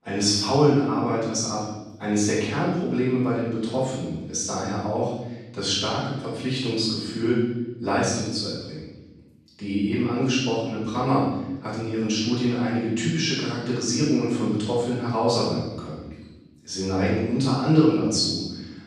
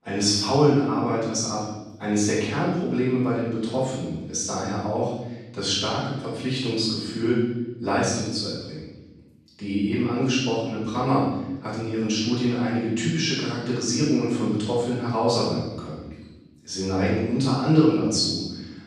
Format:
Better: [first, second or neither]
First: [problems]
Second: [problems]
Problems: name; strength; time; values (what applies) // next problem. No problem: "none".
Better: neither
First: off-mic speech; far // room echo; strong; dies away in 1.1 s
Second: off-mic speech; far // room echo; strong; dies away in 1.1 s